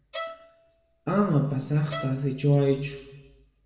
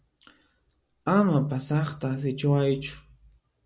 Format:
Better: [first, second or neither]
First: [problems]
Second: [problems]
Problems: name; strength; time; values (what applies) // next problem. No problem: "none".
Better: second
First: background sound (Bowed string instrument); 16 dB below the speech // room echo; dies away in 1.1 s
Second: none